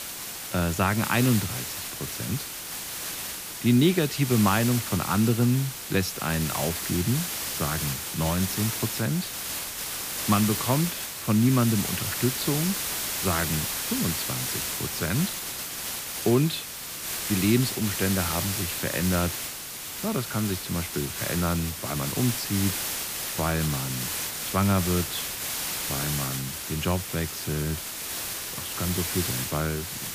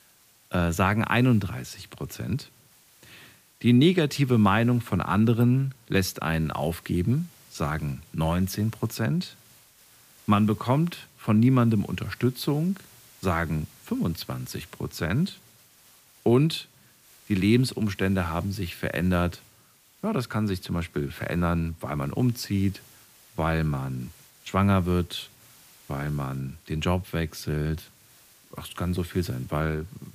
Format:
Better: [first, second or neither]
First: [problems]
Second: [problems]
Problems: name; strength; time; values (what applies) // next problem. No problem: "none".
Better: second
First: hiss; loud; throughout; 2 dB below the speech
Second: hiss; faint; throughout; 25 dB below the speech